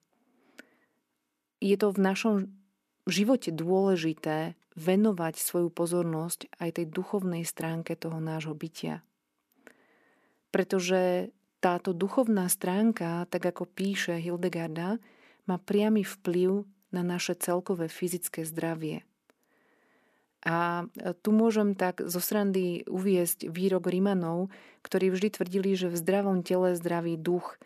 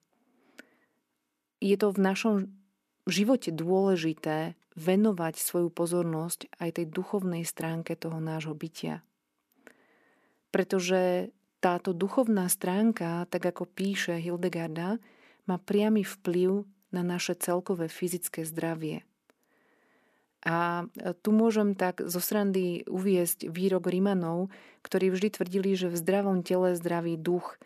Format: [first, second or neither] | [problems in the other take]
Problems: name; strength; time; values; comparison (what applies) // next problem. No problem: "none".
neither | none